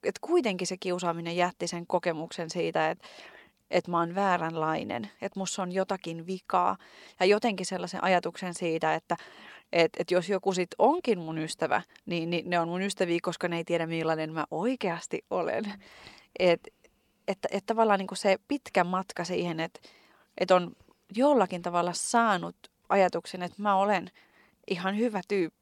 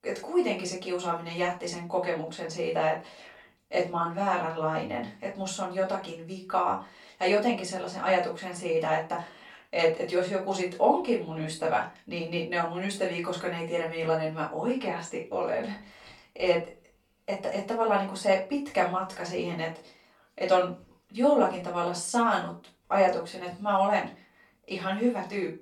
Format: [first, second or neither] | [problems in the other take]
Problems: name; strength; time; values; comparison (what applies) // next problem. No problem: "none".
first | off-mic speech; far // room echo; slight; dies away in 0.3 s